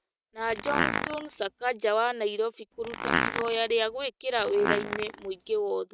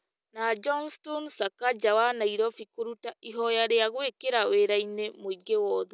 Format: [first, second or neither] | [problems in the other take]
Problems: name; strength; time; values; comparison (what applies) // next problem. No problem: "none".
second | noise reduction (neural mask model RNNoise)